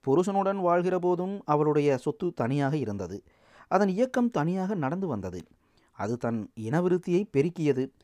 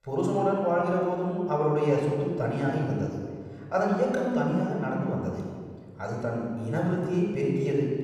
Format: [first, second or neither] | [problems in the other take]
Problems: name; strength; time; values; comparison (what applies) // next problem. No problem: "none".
first | off-mic speech; somewhat distant // room echo; noticeable; dies away in 1.6 s